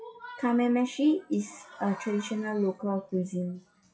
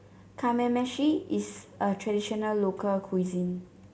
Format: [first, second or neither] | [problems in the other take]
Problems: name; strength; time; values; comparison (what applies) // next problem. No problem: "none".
second | noise reduction (classical method WPE with log-MMSE)